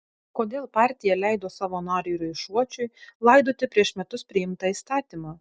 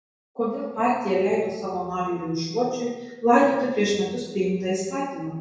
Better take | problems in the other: first | room echo; dies away in 1 s

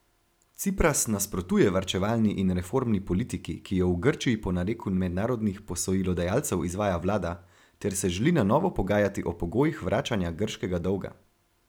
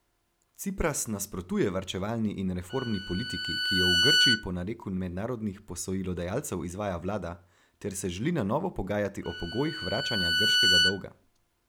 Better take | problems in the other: first | background sound (Bowed string instrument); 4 dB above the speech

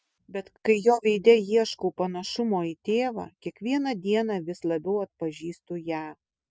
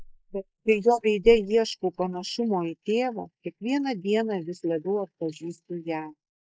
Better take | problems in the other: first | noise reduction (neural mask model Resemble Enhance denoiser)

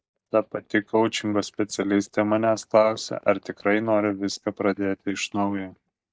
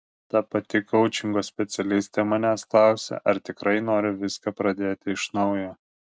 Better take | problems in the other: second | noise reduction (neural mask model DeepFilterNet 3)

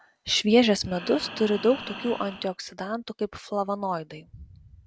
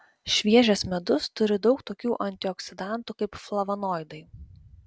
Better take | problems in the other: second | background sound (Breathing); 13 dB below the speech

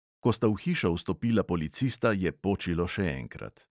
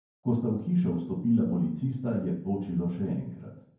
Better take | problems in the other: first | room echo; dies away in 0.9 s

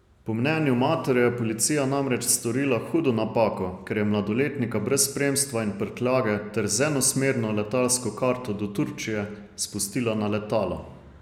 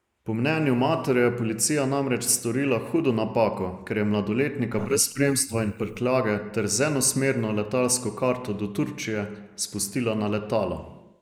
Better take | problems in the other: first | noise reduction (neural mask model Resemble Enhance denoiser)

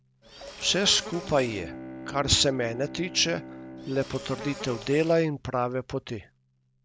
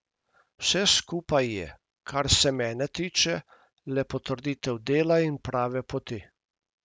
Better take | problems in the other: second | background sound (Insect + Bowed string instrument); 13 dB below the speech

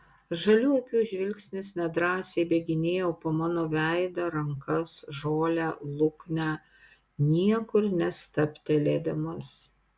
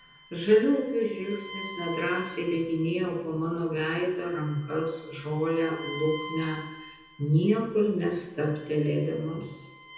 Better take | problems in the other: first | background sound (Bowed string instrument); 17 dB below the speech // room echo; dies away in 0.9 s

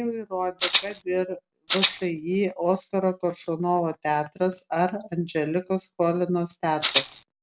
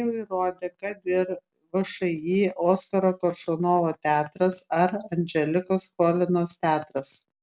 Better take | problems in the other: second | background sound (Rattle (instrument)); as loud as the speech

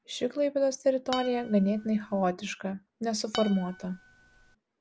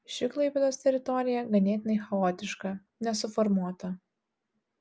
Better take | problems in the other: second | background sound (Acoustic guitar); 14 dB below the speech

